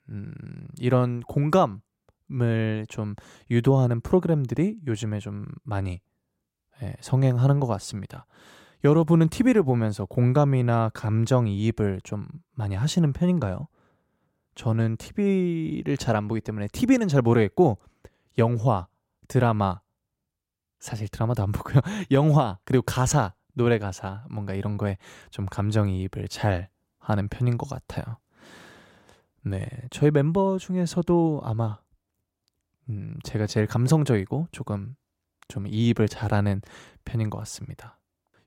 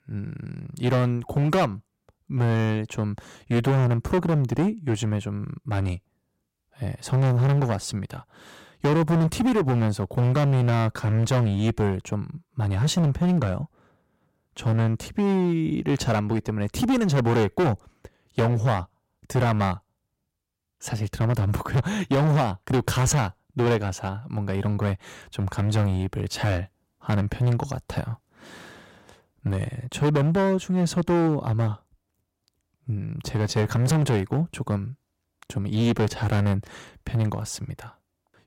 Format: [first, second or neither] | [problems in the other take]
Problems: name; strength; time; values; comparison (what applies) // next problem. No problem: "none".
first | distortion; heavy; 12% of the sound clipped